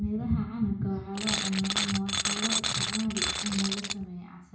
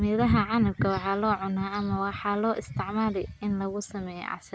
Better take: second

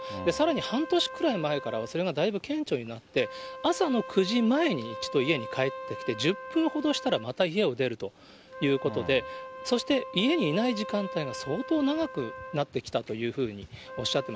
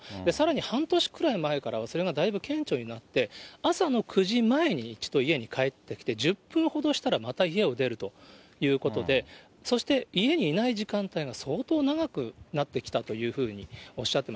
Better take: second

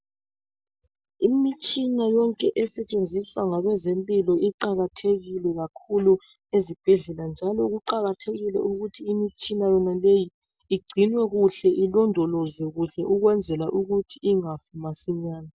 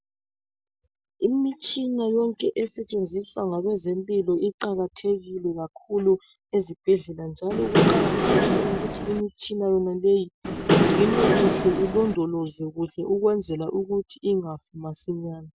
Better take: first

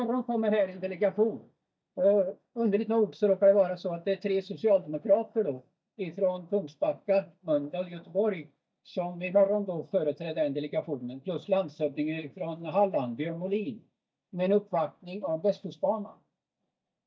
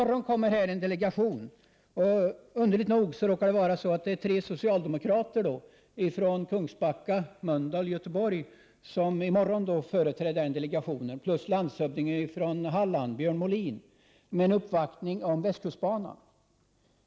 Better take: second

